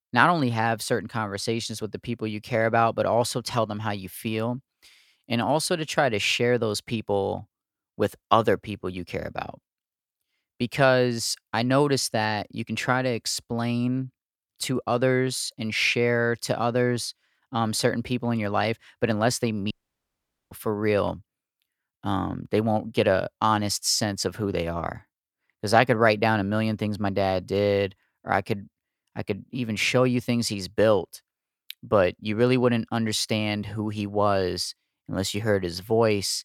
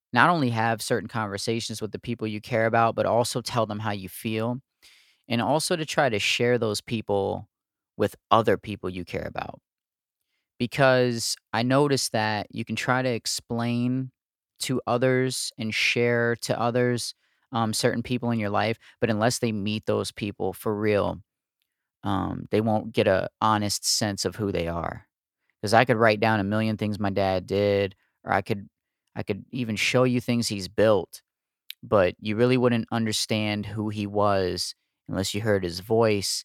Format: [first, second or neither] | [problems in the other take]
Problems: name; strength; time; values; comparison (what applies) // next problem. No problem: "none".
second | audio cutting out; at 20 s for 1 s